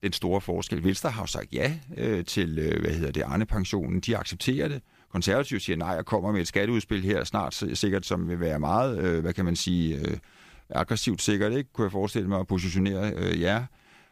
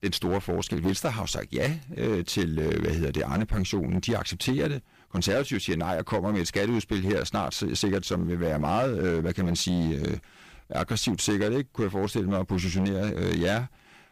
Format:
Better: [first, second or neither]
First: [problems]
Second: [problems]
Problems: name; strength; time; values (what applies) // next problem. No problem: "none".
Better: first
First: none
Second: distortion; slight; 8% of the sound clipped